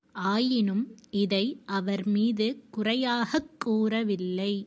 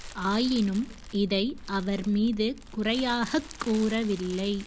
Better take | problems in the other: first | background sound (Crumpling, crinkling + Tick); 15 dB below the speech

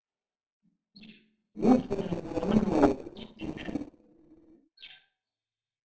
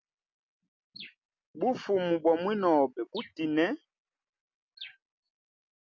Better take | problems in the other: second | noise reduction (neural separator model SepFormer DNS4)

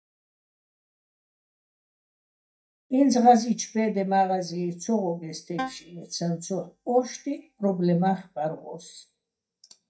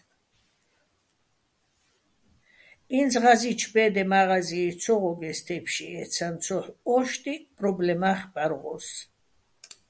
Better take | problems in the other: second | noise reduction (neural mask model DeepFilterNet 3)

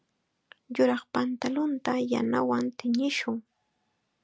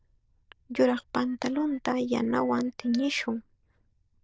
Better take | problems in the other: first | noise reduction (neural diffusion model UNIVERSE++)

